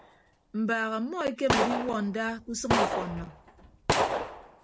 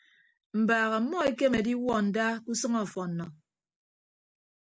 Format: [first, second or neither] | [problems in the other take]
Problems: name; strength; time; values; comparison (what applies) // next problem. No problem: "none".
second | background sound (Gunshot, gunfire); 1 dB above the speech